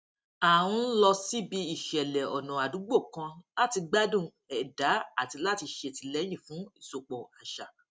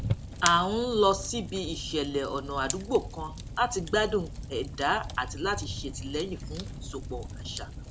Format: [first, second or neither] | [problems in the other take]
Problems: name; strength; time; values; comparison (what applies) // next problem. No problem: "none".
first | background sound (Fire); 7 dB below the speech